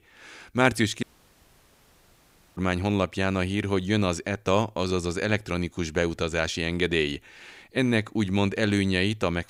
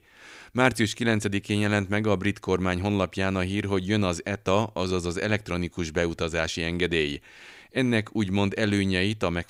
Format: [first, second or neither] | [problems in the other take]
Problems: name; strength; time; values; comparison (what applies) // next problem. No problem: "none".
second | audio cutting out; at 1 s for 1.5 s